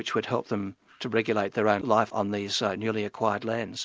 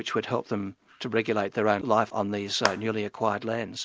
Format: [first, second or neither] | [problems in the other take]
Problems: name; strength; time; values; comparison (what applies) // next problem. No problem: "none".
first | background sound (Clapping); 9 dB below the speech